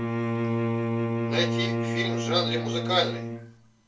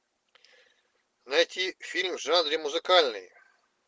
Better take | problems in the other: second | background sound (Bowed string instrument); 4 dB above the speech // room echo; dies away in 0.2 s

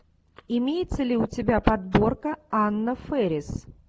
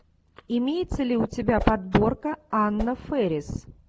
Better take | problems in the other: first | background sound (Whoosh, swoosh, swish); 10 dB below the speech

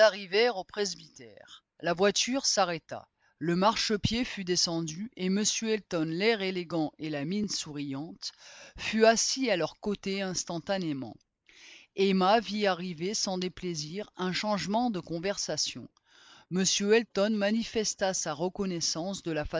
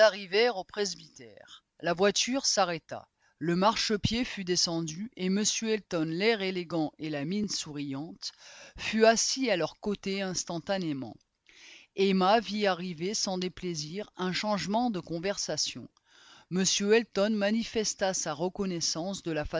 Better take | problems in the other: second | noise reduction (neural mask model Resemble Enhance denoiser)

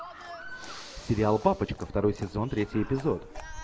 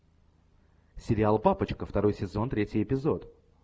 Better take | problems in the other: second | background sound (Livestock, farm animals, working animals + Breathing); 13 dB below the speech

